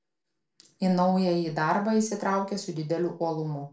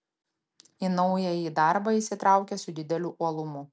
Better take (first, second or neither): second